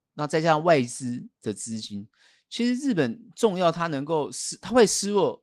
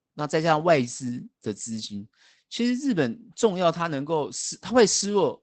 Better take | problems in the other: first | garbled, watery; badly; nothing above 8 kHz; slightly in the first

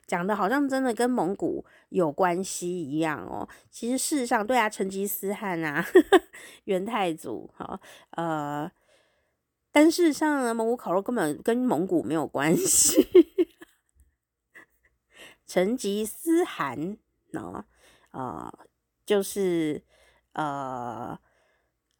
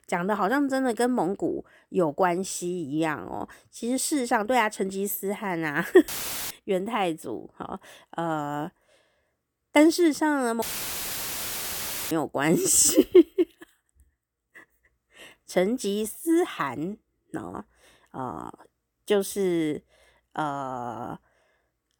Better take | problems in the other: first | audio cutting out; filled with static; at 6 s and at 11 s for 1.5 s

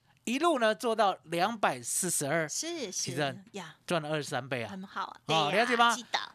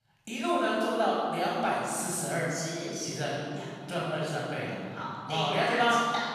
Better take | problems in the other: first | room echo; strong; dies away in 2.2 s // off-mic speech; far

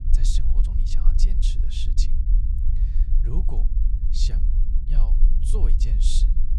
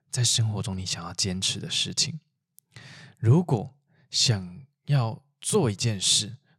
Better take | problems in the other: second | low rumble; loud; throughout; 7 dB below the speech

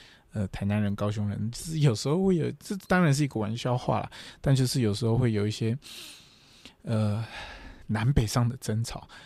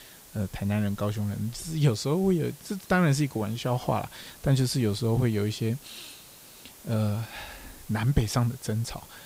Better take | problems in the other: first | hiss; faint; throughout; 20 dB below the speech

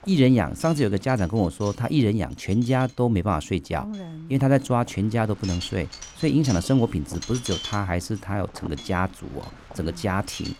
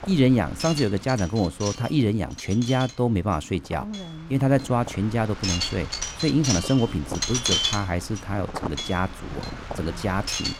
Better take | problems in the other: first | wind noise on the microphone; heavy; 2 dB below the speech; occasional gusts in the first

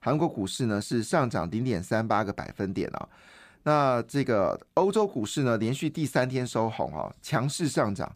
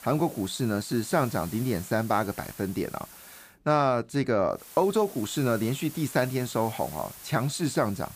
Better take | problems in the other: first | hiss; noticeable; until 3.5 s and from 4.5 s on; 15 dB below the speech

